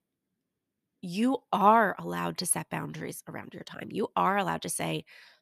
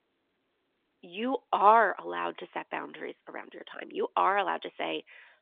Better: first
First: none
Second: phone-call audio

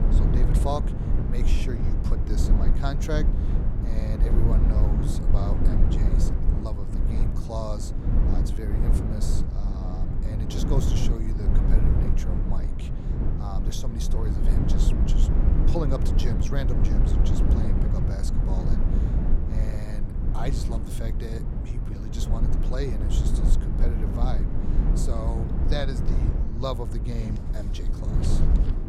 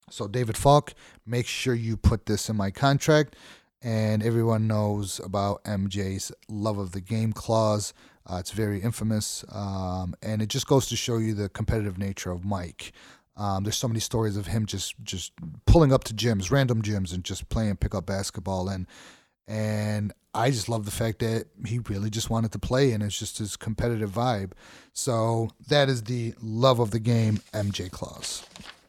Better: second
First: low rumble; loud; throughout; as loud as the speech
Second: none

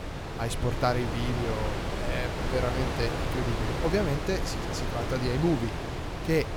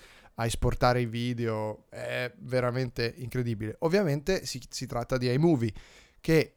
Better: second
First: wind noise on the microphone; heavy; 1 dB below the speech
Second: none

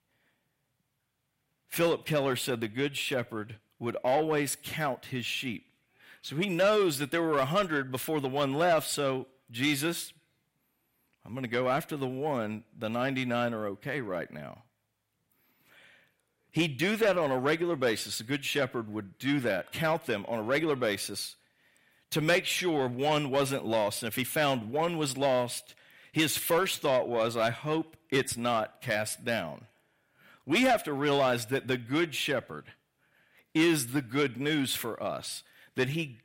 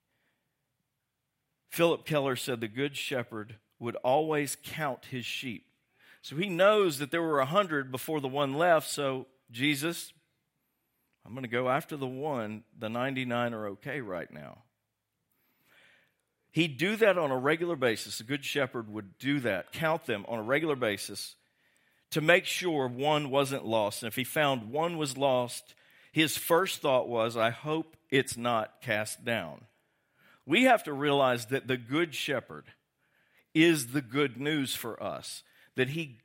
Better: second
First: distortion; slight; 10 dB below the speech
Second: none

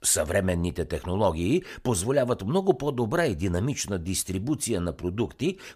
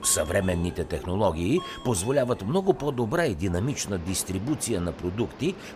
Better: first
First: none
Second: train or aircraft noise; noticeable; throughout; 15 dB below the speech

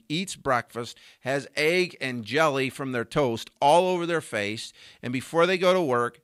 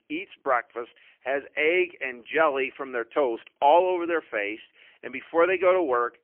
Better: first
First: none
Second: phone-call audio; poor line; nothing above 3 kHz

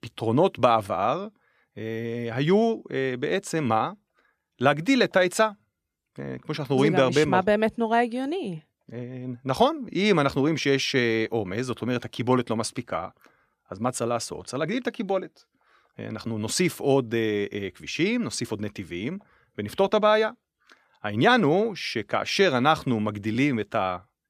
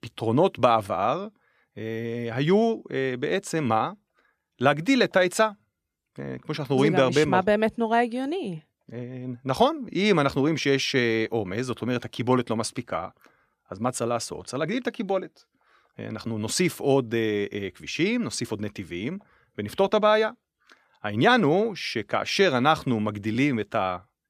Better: neither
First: none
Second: none

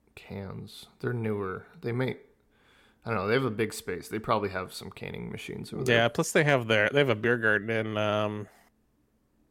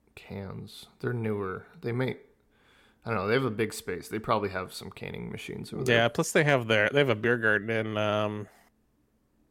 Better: neither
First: none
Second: none

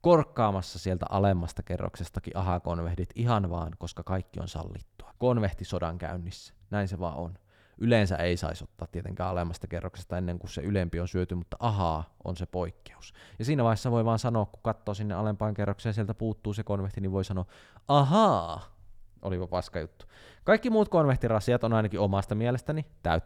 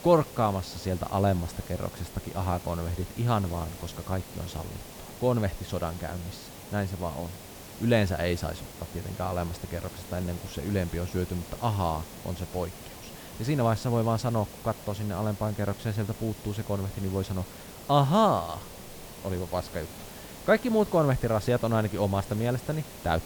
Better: first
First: none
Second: hiss; noticeable; throughout; 15 dB below the speech

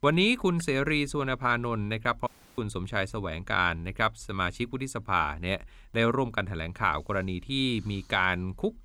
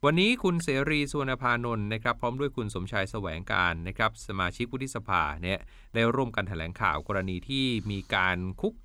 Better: second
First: audio cutting out; at 2.5 s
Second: none

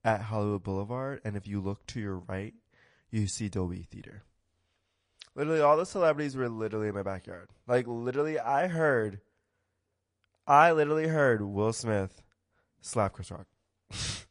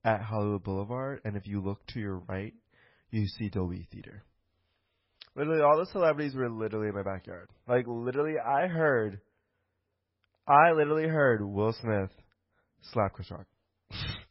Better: first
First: garbled, watery; slightly; nothing above 10.5 kHz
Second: garbled, watery; badly; nothing above 5.5 kHz

